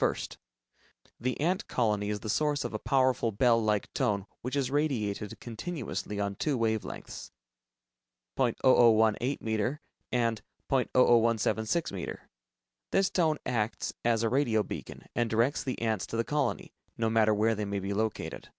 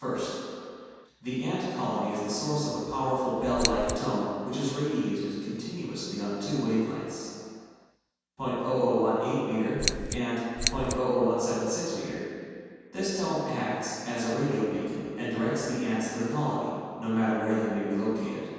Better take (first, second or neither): first